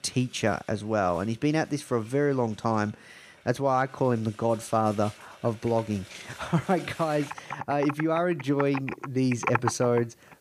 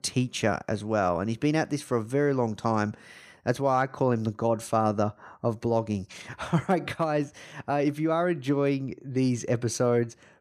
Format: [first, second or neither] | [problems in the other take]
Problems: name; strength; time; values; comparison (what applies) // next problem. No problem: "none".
second | household noises; noticeable; throughout; 10 dB below the speech